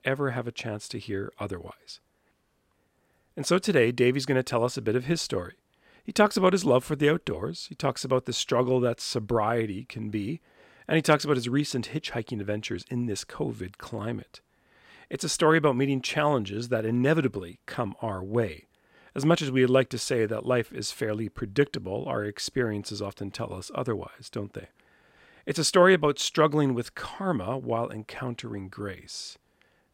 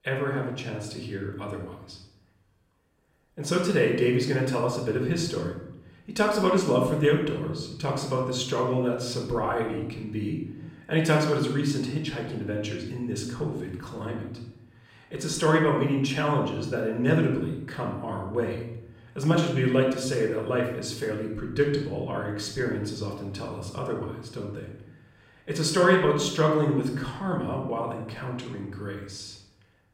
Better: first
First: none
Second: off-mic speech; far // room echo; noticeable; dies away in 0.9 s

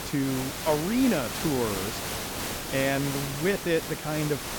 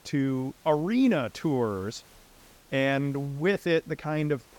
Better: second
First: hiss; loud; throughout; 4 dB below the speech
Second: hiss; faint; throughout; 30 dB below the speech

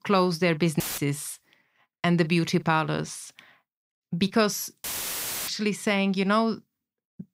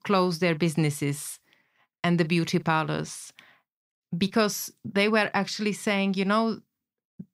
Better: second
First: audio cutting out; filled with static; at 1 s and at 5 s for 0.5 s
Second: none

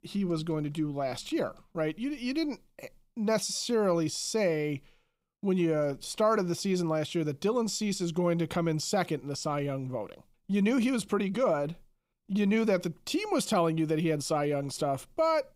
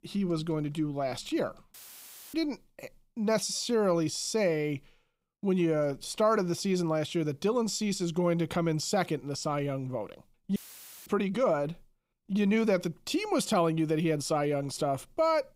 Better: first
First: none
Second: audio cutting out; filled with static; at 1.5 s for 0.5 s and at 11 s for 0.5 s

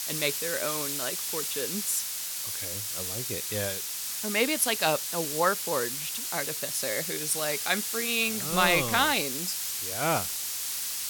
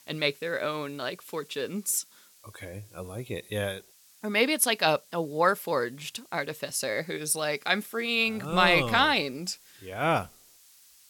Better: second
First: hiss; loud; throughout; 1 dB below the speech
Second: hiss; faint; throughout; 25 dB below the speech

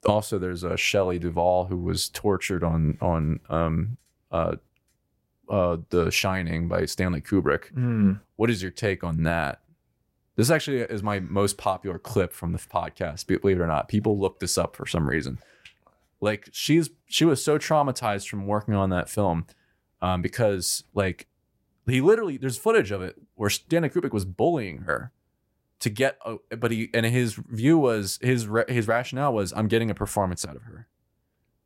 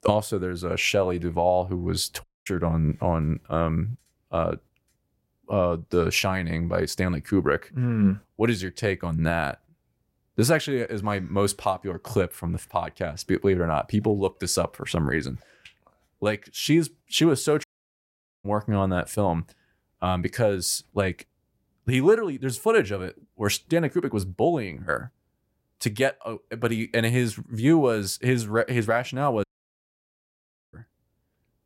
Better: first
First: none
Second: audio cutting out; at 2 s, at 18 s for 1 s and at 29 s for 1.5 s

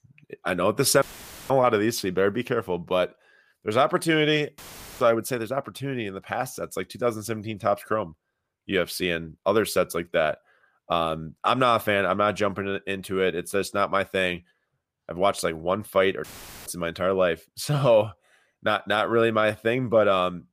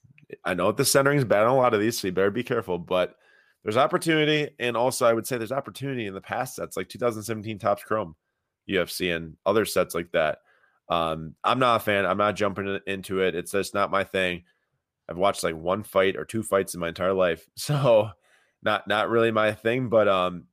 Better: second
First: audio cutting out; filled with static; at 1 s, at 4.5 s and at 16 s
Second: none

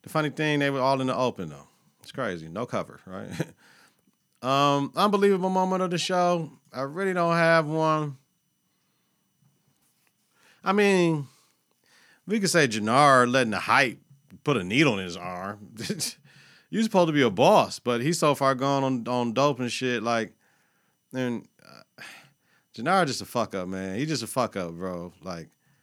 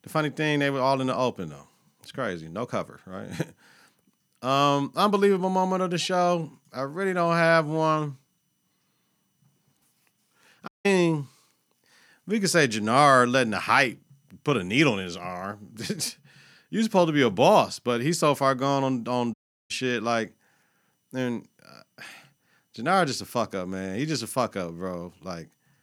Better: first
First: none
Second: audio cutting out; at 11 s and at 19 s

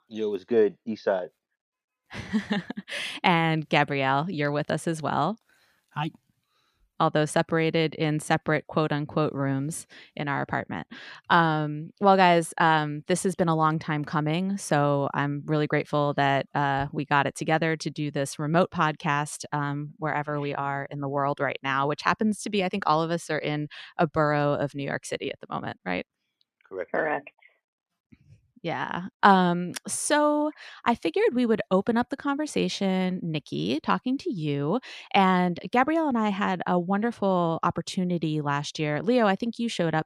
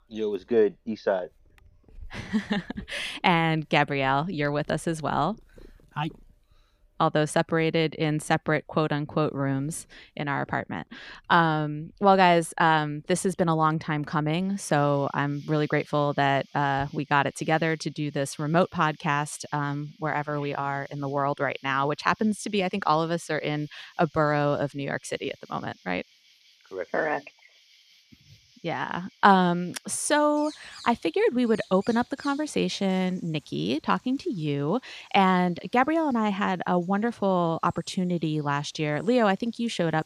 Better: first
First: none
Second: animal sounds; faint; throughout; 30 dB below the speech

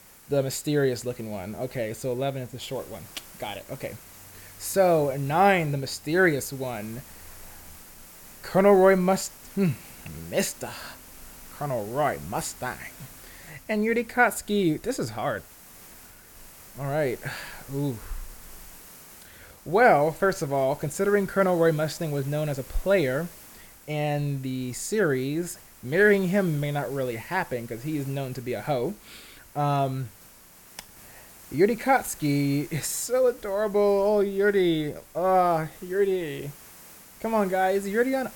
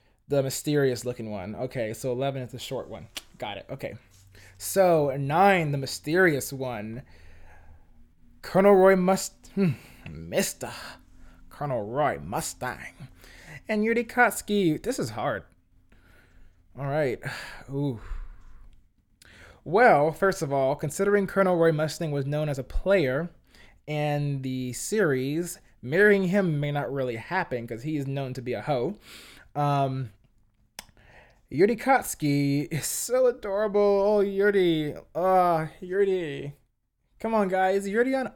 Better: second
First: hiss; faint; throughout; 20 dB below the speech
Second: none

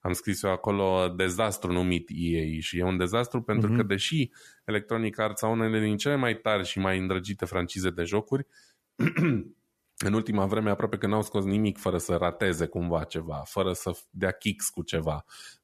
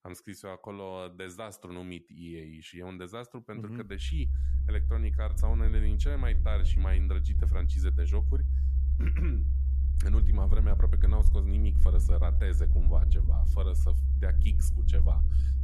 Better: first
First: none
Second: low rumble; loud; from 4 s on; 4 dB below the speech

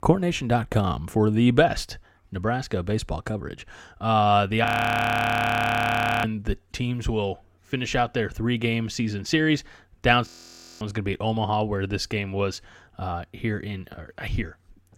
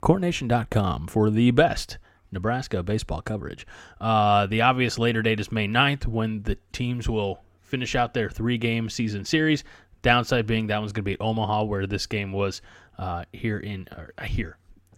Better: second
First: audio freezing; at 4.5 s for 1.5 s and at 10 s for 0.5 s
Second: none

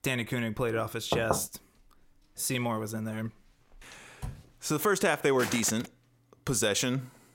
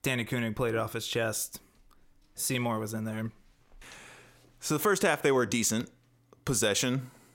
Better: second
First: door banging; noticeable; at 1 s; peak 2 dB below the speech // door banging; faint; at 4 s; peak 15 dB below the speech // footsteps; noticeable; at 5.5 s; peak 6 dB below the speech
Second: none

